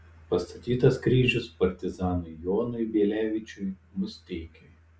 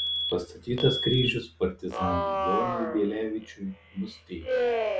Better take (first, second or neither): first